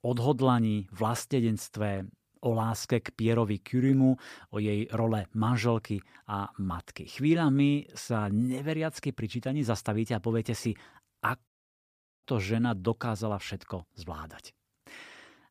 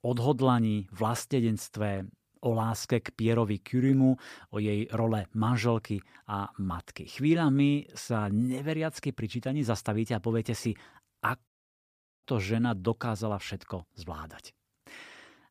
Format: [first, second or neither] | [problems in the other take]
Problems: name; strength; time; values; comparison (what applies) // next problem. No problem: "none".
neither | audio cutting out; at 11 s for 1 s; the same in both